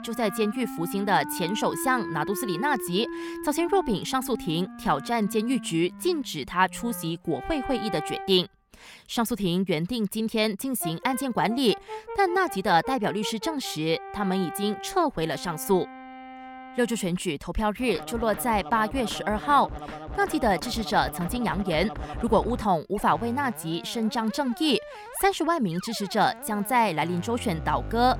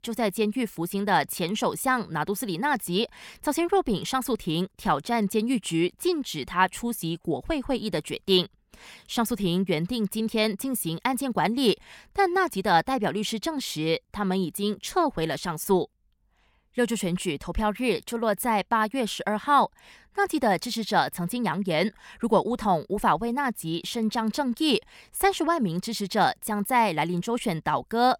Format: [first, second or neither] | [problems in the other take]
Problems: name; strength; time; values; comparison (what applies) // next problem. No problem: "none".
second | background music; noticeable; throughout; 10 dB below the speech